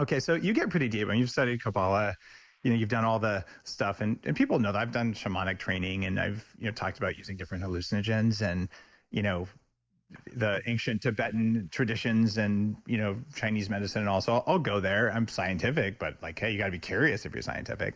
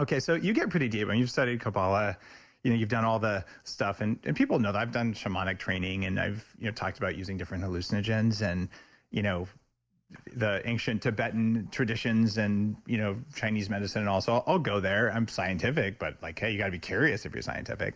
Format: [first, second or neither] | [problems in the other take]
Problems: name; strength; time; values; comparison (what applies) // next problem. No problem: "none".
second | noise reduction (neural mask model Resemble Enhance denoiser)